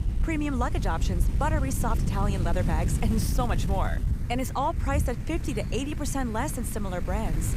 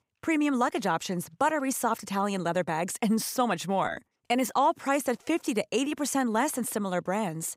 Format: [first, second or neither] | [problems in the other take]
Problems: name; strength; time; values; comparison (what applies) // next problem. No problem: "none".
second | wind noise on the microphone; occasional gusts; 10 dB below the speech